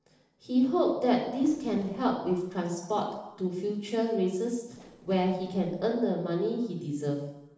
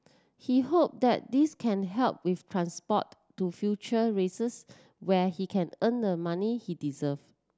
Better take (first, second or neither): second